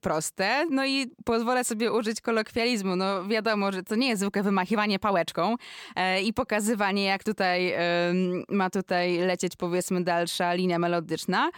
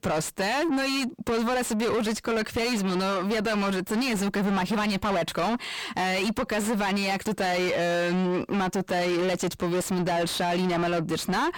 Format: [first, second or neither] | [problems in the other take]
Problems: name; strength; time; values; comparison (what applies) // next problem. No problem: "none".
first | distortion; heavy; 6 dB below the speech